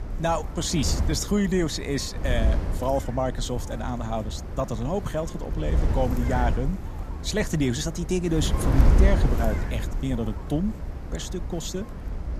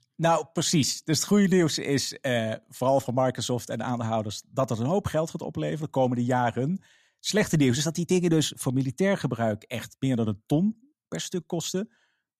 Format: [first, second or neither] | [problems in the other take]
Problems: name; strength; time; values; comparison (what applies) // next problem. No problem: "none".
second | wind noise on the microphone; heavy; 8 dB below the speech